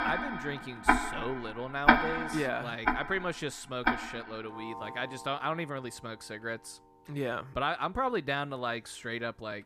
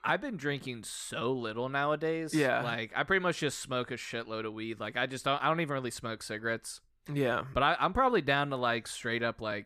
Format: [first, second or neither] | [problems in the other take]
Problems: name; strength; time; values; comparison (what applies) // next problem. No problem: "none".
second | household noises; very loud; throughout; 4 dB above the speech